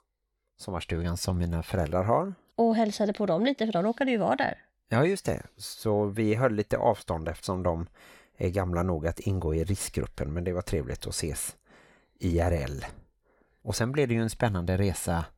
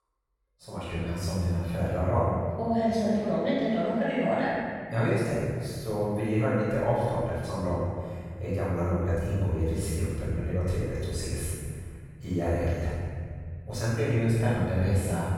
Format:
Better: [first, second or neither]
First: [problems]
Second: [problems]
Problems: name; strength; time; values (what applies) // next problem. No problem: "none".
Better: first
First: none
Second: off-mic speech; far // room echo; strong; dies away in 2.1 s